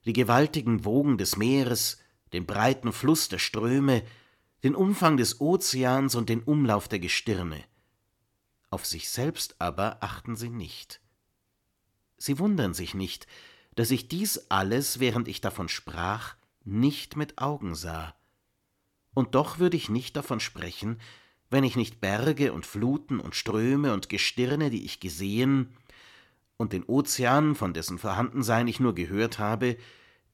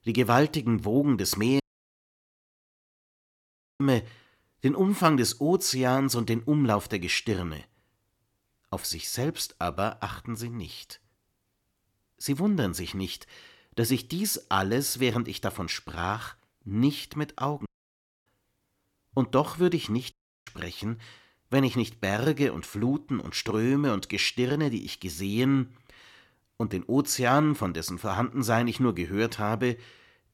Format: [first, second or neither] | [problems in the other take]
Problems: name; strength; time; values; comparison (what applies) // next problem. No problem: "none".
first | audio cutting out; at 1.5 s for 2 s, at 18 s for 0.5 s and at 20 s